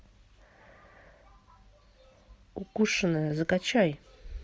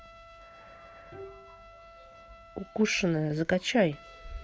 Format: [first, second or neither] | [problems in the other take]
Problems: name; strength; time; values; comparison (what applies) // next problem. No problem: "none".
first | background sound (Bowed string instrument + Trumpet); 19 dB below the speech